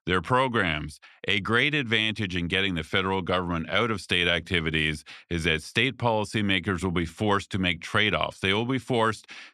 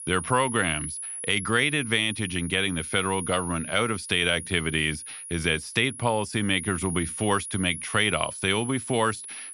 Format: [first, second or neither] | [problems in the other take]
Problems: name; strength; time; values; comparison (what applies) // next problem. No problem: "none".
first | high-pitched whine; loud; throughout; 10.5 kHz, 9 dB below the speech